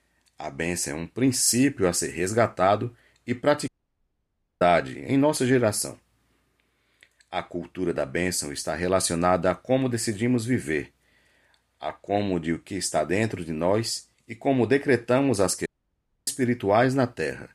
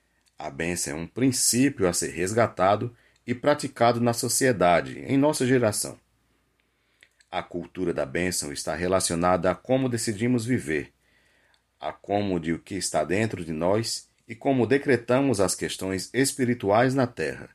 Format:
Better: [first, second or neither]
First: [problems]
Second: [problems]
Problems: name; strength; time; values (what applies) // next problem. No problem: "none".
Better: second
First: audio cutting out; at 3.5 s for 1 s and at 16 s for 0.5 s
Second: none